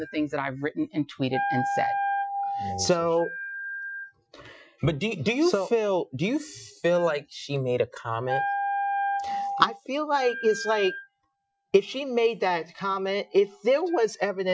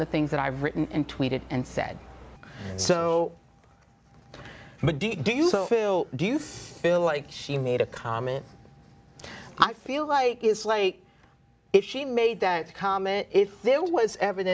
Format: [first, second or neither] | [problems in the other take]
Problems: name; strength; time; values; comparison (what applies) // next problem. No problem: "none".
second | noise reduction (classical method Wiener filter)